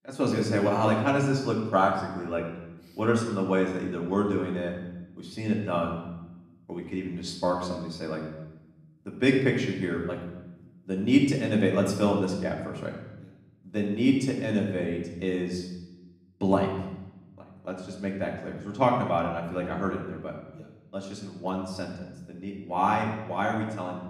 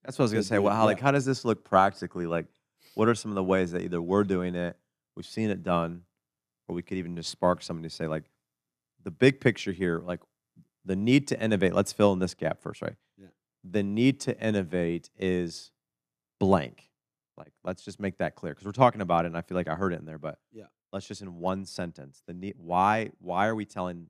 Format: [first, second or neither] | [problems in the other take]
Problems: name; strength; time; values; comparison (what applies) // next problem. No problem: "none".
second | room echo; noticeable; dies away in 0.9 s // off-mic speech; far